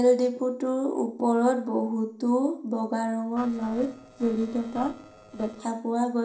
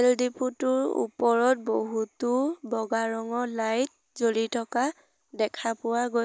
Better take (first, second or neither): second